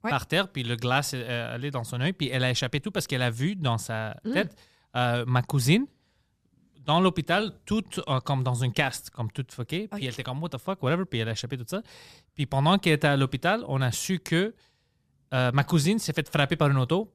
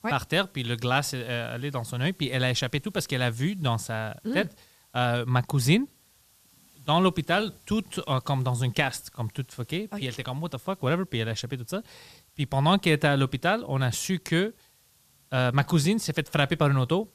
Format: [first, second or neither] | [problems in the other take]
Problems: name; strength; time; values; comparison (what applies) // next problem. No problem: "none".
first | hiss; faint; throughout; 30 dB below the speech